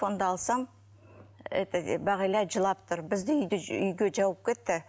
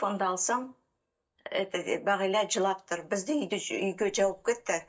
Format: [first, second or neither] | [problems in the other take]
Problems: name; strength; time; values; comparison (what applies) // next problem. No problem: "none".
first | noise reduction (neural mask model DeepFilterNet 3)